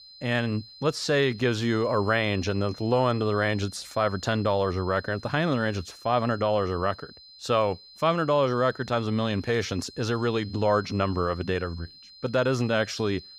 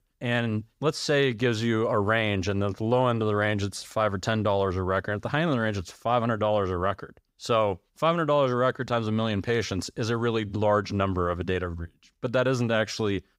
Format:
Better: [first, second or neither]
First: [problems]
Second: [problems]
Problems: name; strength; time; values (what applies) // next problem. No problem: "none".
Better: second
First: high-pitched whine; noticeable; throughout; 4 kHz, 20 dB below the speech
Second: none